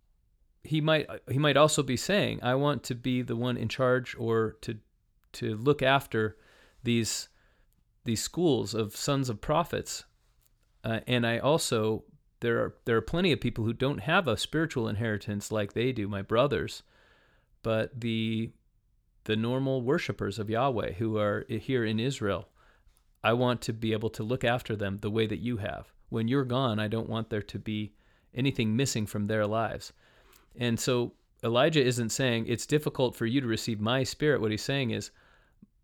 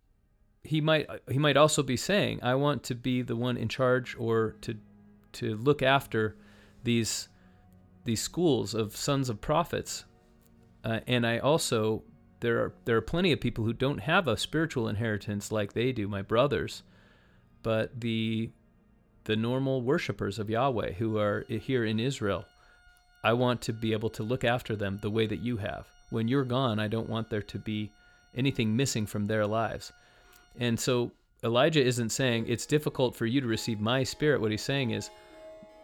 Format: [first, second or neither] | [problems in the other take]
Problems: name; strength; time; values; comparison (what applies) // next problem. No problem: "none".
first | background music; faint; throughout; 30 dB below the speech